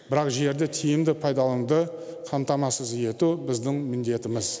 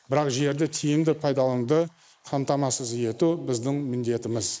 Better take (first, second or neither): first